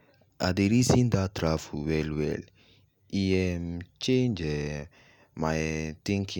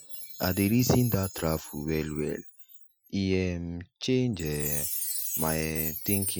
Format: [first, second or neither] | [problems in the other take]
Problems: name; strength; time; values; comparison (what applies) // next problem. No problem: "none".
first | noise reduction (classical method Wiener filter)